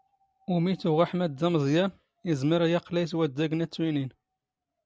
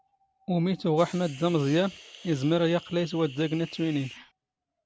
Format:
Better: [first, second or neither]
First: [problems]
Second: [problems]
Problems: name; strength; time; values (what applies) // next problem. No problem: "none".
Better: first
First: none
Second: background sound (Hiss); 19 dB below the speech